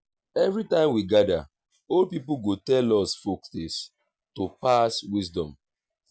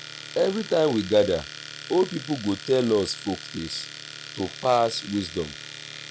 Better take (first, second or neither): first